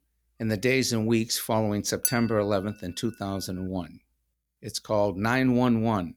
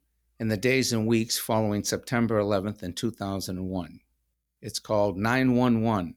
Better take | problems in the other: second | clattering dishes; noticeable; at 2 s; peak 2 dB below the speech

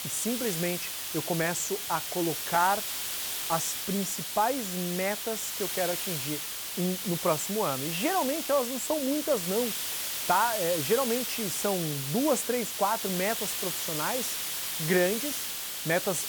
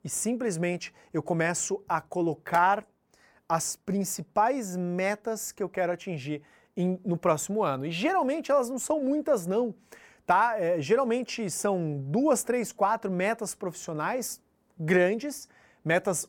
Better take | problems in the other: second | hiss; loud; throughout; 1 dB below the speech

